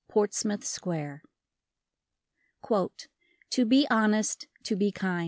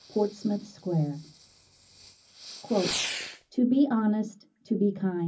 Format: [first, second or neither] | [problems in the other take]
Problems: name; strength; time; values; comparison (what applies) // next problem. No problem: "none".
first | background sound (Fireworks); 12 dB below the speech // room echo; dies away in 0.4 s